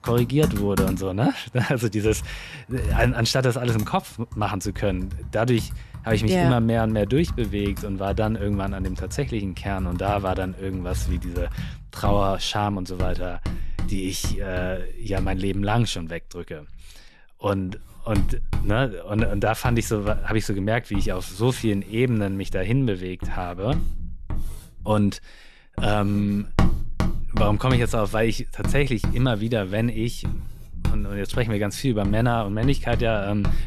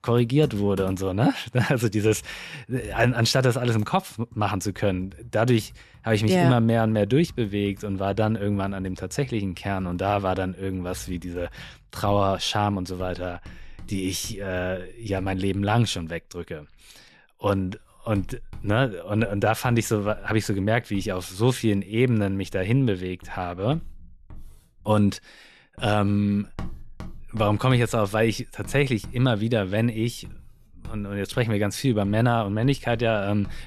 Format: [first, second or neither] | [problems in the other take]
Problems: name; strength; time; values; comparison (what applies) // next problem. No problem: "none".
second | household noises; loud; throughout; 7 dB below the speech; faint in the second